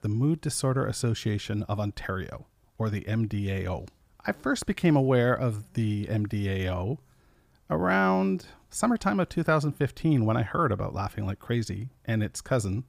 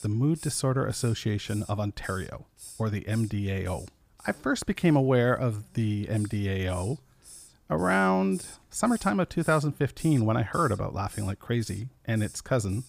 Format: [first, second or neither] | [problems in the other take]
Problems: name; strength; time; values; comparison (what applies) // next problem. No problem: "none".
first | hiss; noticeable; throughout; 20 dB below the speech